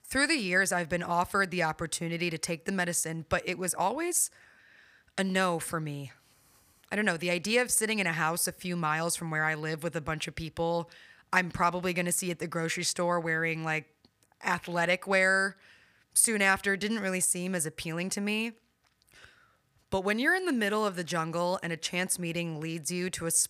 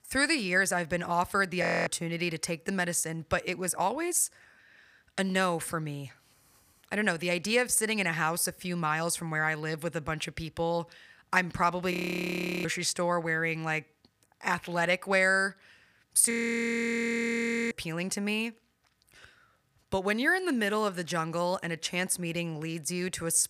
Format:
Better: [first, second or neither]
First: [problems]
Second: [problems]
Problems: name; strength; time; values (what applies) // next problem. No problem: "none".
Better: first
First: none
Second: audio freezing; at 1.5 s, at 12 s for 0.5 s and at 16 s for 1.5 s